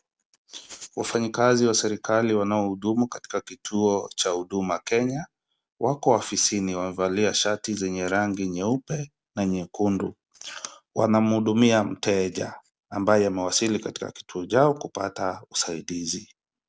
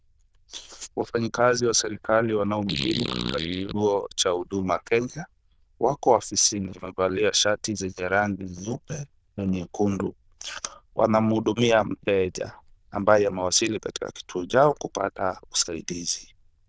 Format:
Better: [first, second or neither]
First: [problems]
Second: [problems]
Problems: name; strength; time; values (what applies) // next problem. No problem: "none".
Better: first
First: none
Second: noise reduction (neural diffusion model UNIVERSE++)